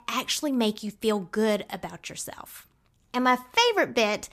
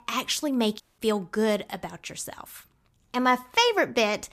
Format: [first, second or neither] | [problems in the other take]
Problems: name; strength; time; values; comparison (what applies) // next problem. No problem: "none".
first | audio cutting out; at 1 s